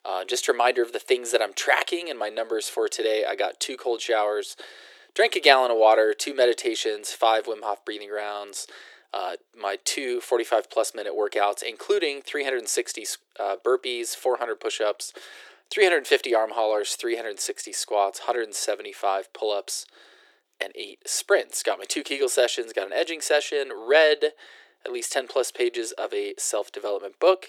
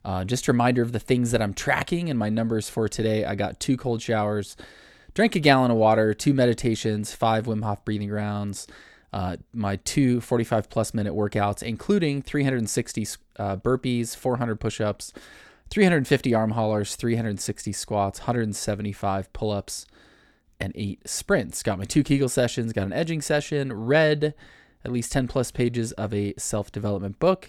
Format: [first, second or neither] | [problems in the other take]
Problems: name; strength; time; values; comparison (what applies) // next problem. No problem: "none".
second | thin; very; fading below 350 Hz